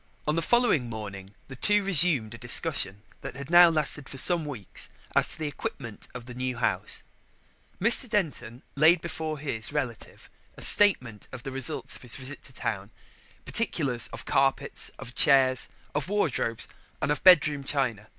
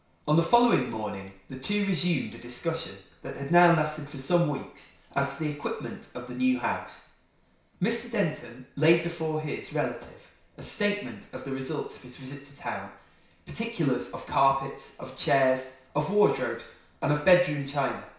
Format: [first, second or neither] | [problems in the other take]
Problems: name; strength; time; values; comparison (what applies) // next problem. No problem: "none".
first | room echo; dies away in 0.6 s